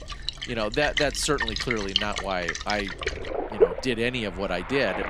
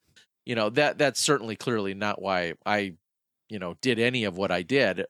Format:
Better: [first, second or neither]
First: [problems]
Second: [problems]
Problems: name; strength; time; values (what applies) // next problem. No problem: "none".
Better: second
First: rain or running water; loud; throughout; 1 dB below the speech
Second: none